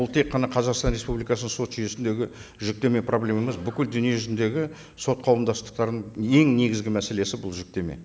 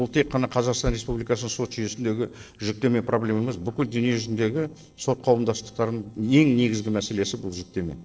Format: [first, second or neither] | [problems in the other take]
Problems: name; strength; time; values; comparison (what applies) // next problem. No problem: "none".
first | noise reduction (neural separator model SepFormer DNS4)